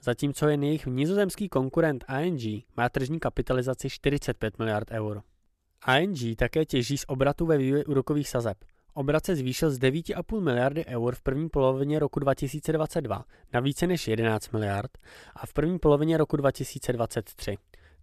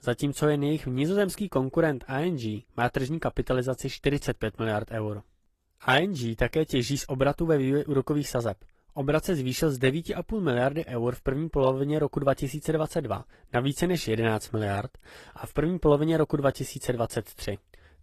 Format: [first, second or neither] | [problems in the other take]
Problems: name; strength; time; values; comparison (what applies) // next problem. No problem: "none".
first | garbled, watery; slightly; nothing above 14 kHz